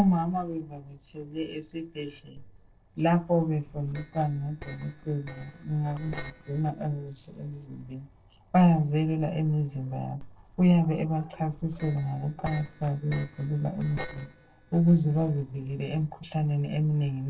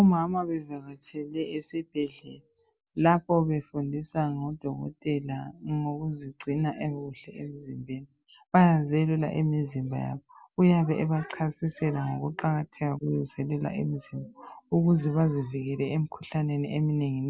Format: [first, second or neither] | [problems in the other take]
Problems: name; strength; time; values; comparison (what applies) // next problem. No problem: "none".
second | noise reduction (neural separator model SepFormer DNS4)